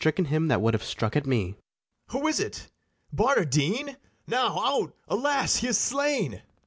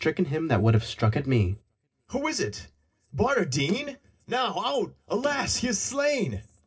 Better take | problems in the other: first | noise reduction (neural separator model SepFormer DNS4)

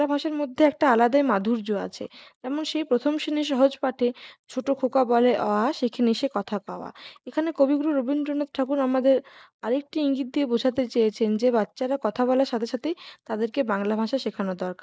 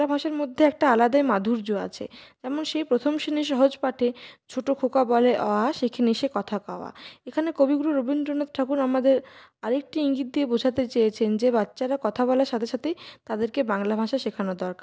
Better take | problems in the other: second | noise reduction (neural mask model Resemble Enhance denoiser)

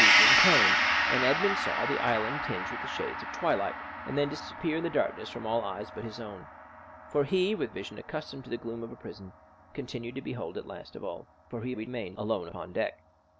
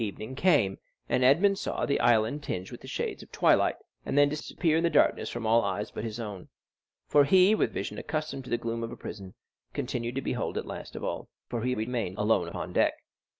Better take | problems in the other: second | background sound (Gong); 2 dB above the speech

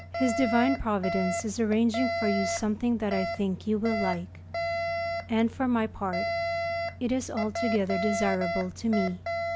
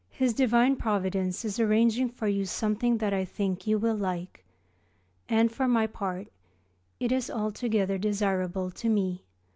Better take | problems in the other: second | background sound (Alarm); 4 dB below the speech

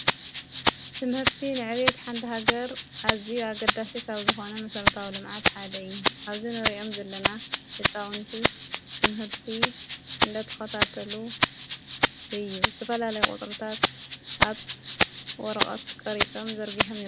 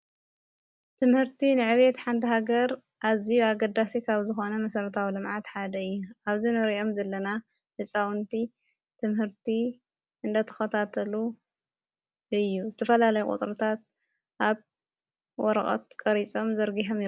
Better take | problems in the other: second | background sound (Rattle (instrument)); 5 dB above the speech

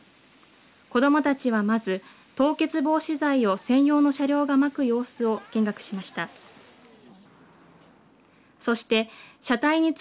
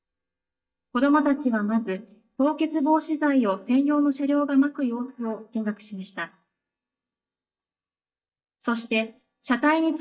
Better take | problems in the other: first | noise reduction (neural mask model DeepFilterNet 3)

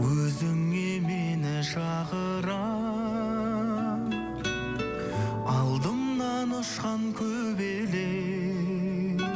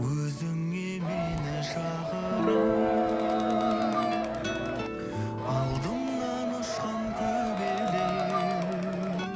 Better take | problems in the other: first | background sound (Crowd + Guitar); 1 dB above the speech

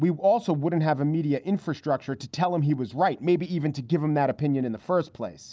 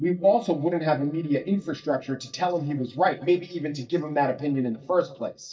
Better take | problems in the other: first | noise reduction (neural mask model DeepFilterNet 3)

